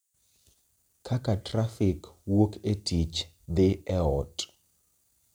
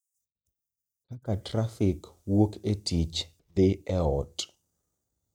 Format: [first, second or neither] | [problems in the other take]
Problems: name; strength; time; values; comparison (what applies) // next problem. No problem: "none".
first | noise reduction (neural mask model DeepFilterNet 3)